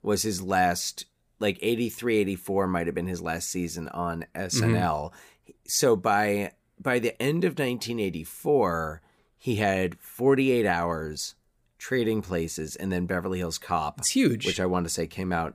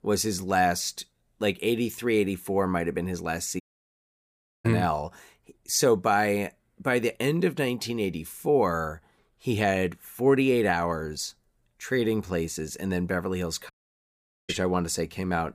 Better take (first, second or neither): first